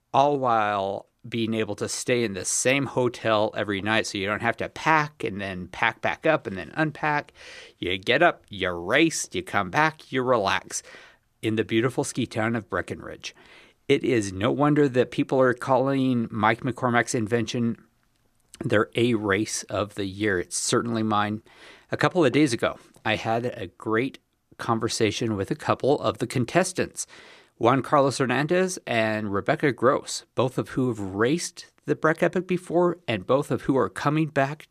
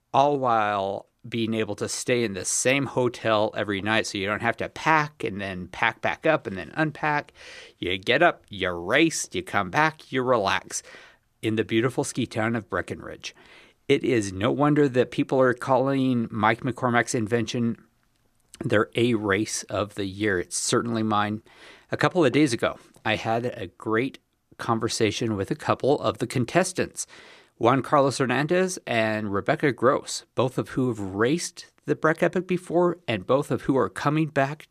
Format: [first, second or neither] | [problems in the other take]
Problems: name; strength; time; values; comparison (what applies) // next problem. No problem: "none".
neither | none